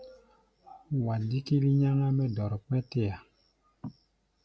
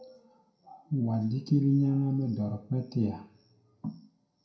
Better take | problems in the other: first | room echo; dies away in 0.5 s

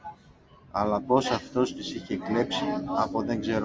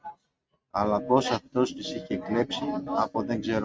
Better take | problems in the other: first | noise reduction (neural mask model RNNoise)

